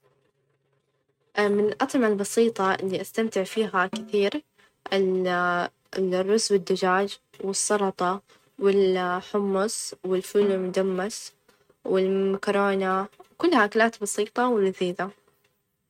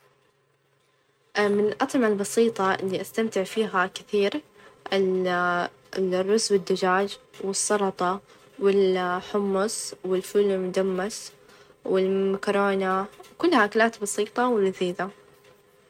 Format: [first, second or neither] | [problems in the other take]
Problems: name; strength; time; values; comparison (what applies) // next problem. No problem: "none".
second | noise reduction (neural mask model RNNoise)